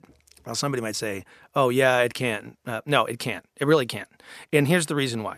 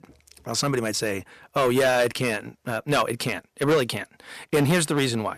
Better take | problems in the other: first | distortion; heavy; 5% of the sound clipped

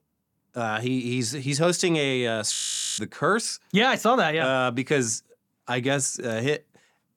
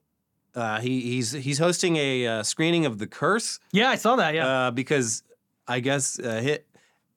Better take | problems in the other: second | audio freezing; at 2.5 s

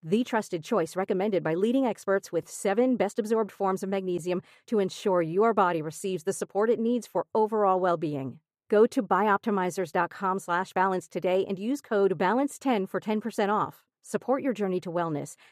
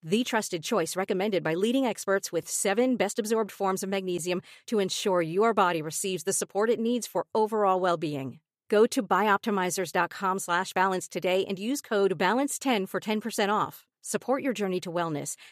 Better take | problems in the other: second | muffled; slightly; fading above 2 kHz

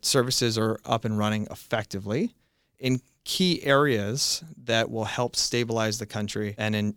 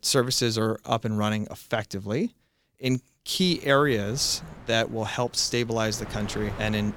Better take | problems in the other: first | wind noise on the microphone; occasional gusts; from 3.5 s on; 15 dB below the speech

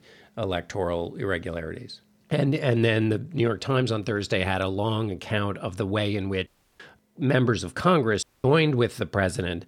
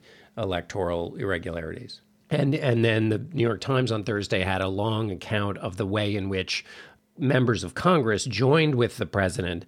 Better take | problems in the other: second | audio cutting out; at 6.5 s and at 8 s

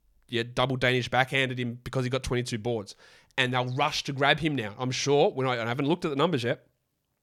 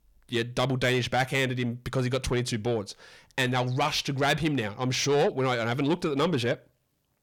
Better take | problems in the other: first | distortion; slight; 10 dB below the speech

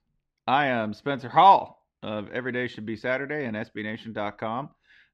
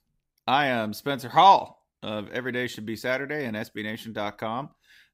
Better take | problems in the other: second | muffled; slightly; fading above 3 kHz

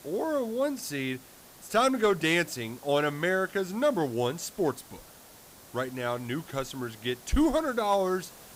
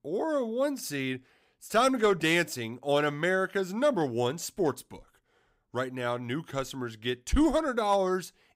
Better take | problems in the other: second | hiss; faint; throughout; 20 dB below the speech

